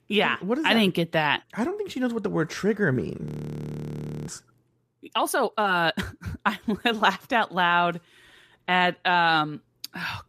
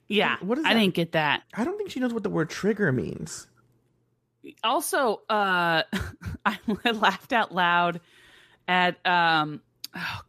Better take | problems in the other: second | audio freezing; at 3.5 s for 1 s

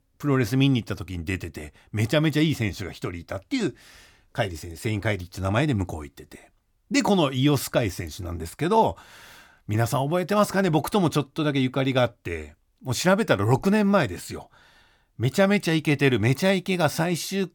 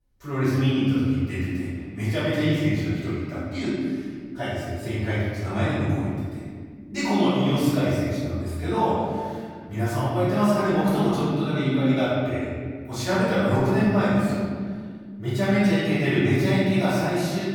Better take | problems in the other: first | off-mic speech; far // room echo; strong; dies away in 2 s

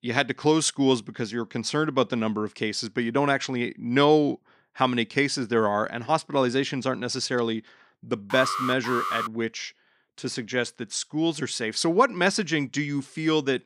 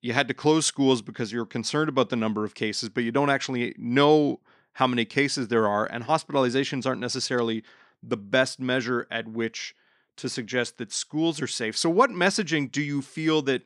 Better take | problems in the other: second | alarm; noticeable; at 8.5 s; peak 3 dB below the speech

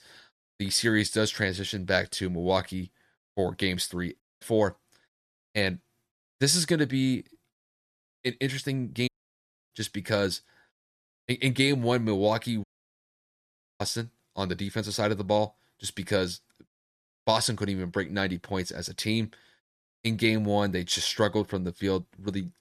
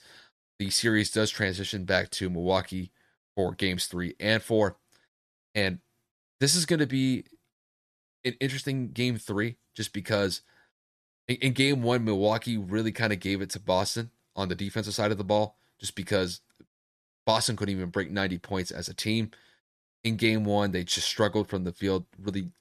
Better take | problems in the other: second | audio cutting out; at 4 s, at 9 s for 0.5 s and at 13 s for 1 s

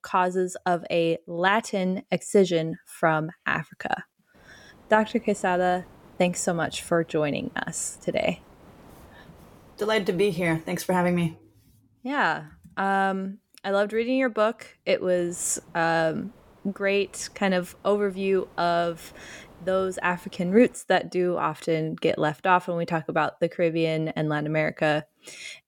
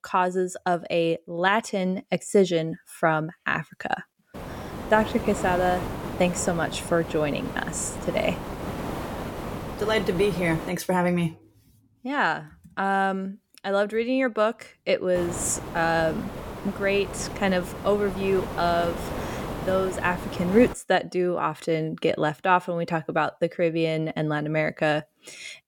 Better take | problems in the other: first | hiss; loud; from 4.5 to 11 s and from 15 to 21 s; 9 dB below the speech; faint in the first

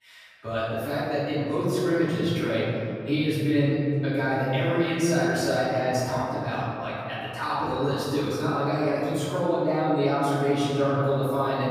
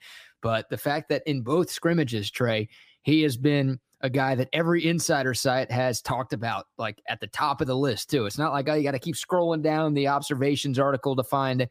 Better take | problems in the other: second | off-mic speech; far // room echo; strong; dies away in 2.8 s

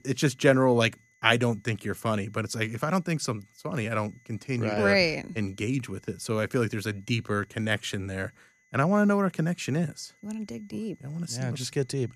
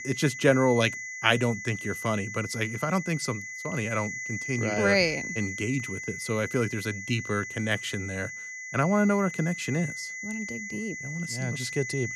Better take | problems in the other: first | high-pitched whine; loud; throughout; 2 kHz, 7 dB below the speech; faint in the first

